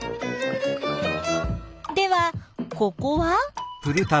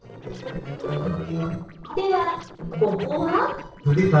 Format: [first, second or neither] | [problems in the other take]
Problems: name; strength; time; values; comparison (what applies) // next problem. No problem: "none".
first | noise reduction (neural separator model SepFormer DNS4)